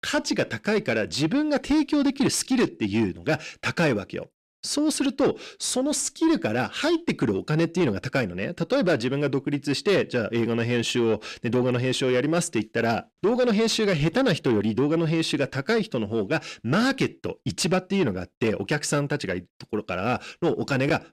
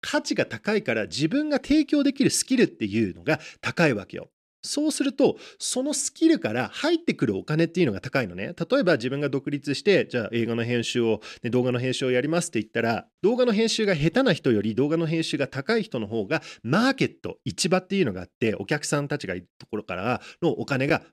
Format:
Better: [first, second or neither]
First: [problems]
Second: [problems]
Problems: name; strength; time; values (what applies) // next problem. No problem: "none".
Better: second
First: distortion; slight; 10 dB below the speech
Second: none